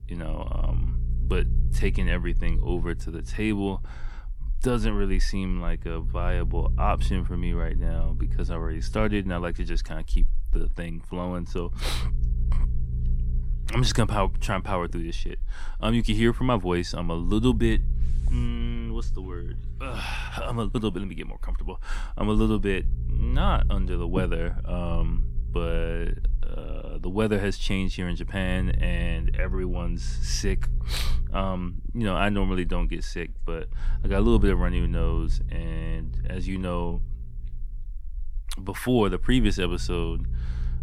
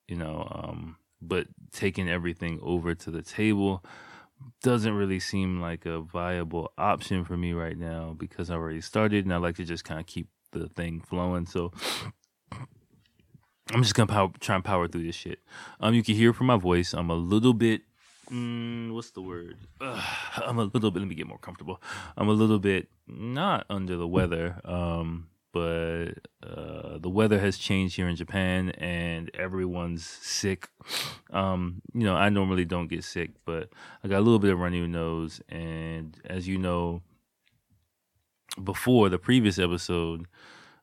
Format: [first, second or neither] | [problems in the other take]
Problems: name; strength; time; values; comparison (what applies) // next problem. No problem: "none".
second | low rumble; noticeable; throughout; 20 dB below the speech